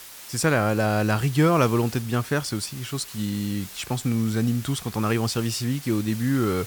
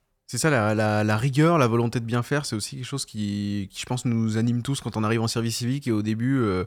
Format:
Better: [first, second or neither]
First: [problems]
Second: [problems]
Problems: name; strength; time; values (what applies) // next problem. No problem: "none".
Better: second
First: hiss; noticeable; throughout; 15 dB below the speech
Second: none